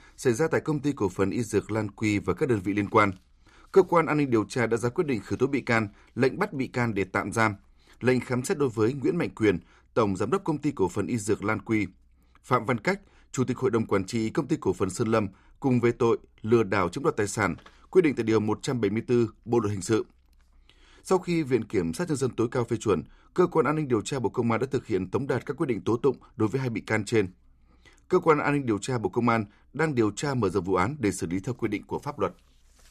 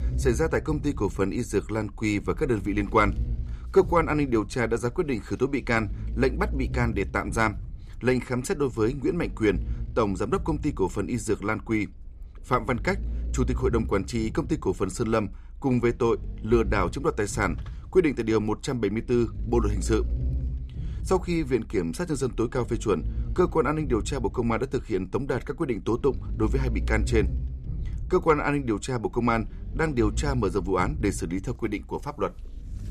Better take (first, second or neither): first